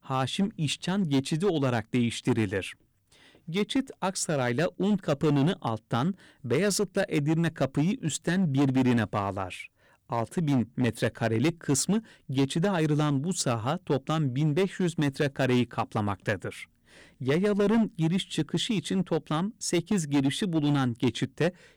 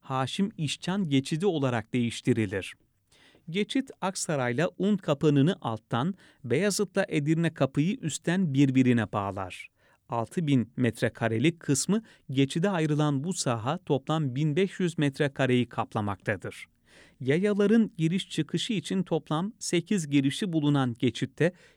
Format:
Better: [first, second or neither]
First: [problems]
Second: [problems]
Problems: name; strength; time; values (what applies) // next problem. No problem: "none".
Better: second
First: distortion; slight; 8% of the sound clipped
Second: none